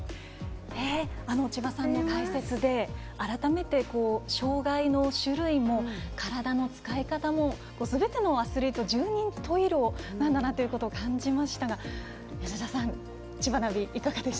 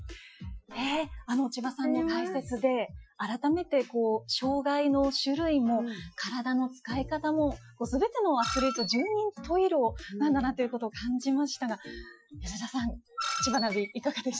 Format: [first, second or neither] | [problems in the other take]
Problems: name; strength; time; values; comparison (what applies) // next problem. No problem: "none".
first | noise reduction (classical method Wiener filter)